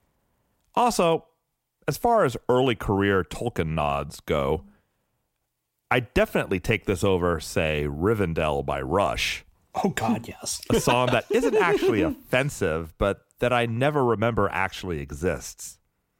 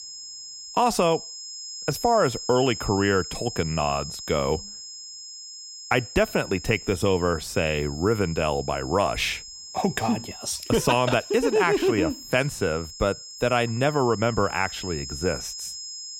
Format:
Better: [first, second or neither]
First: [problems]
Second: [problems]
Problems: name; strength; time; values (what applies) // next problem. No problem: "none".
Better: first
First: none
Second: high-pitched whine; noticeable; throughout; 5 kHz, 10 dB below the speech